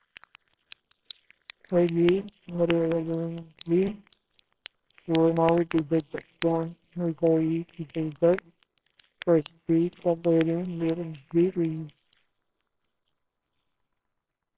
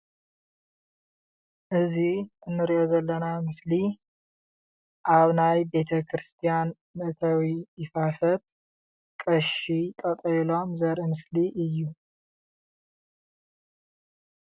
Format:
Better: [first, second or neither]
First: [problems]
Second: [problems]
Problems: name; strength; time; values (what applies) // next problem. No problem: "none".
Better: second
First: noise reduction (neural separator model SepFormer WHAMR!)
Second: none